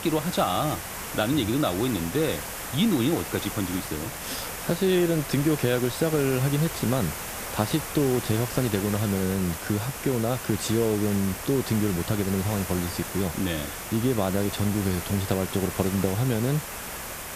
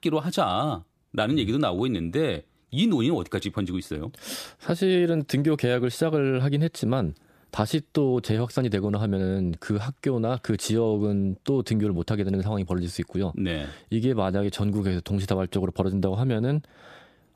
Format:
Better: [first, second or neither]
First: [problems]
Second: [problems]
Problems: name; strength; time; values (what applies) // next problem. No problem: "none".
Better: second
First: hiss; loud; throughout; 7 dB below the speech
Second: none